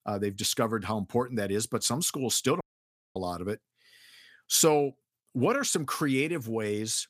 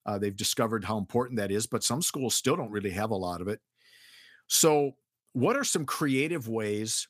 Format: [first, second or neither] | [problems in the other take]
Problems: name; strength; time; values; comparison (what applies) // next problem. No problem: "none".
second | audio cutting out; at 2.5 s for 0.5 s